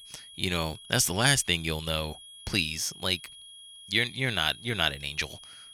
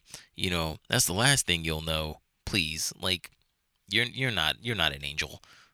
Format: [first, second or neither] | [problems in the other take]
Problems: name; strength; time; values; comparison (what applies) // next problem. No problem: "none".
second | high-pitched whine; noticeable; throughout; 3.5 kHz, 20 dB below the speech